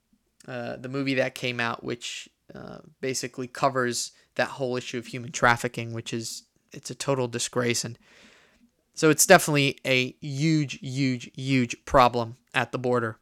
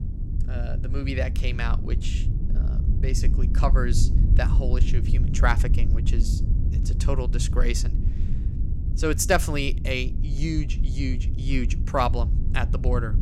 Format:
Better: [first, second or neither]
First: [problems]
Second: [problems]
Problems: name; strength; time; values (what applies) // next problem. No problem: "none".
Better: first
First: none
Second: low rumble; noticeable; throughout; 10 dB below the speech